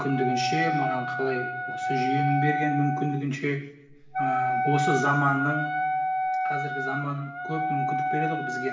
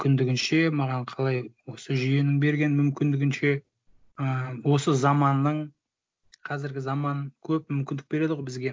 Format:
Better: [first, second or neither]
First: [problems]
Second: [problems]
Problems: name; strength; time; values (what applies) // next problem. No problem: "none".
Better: second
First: background sound (Wind instrument, woodwind instrument); 1 dB above the speech // room echo; dies away in 1 s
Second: none